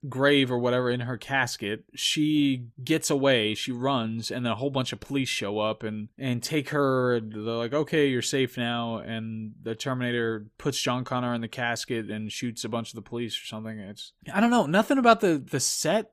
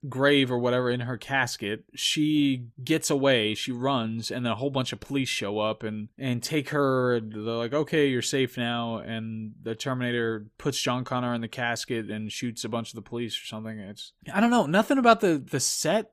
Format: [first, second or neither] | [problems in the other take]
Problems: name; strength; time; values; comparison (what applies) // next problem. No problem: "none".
neither | none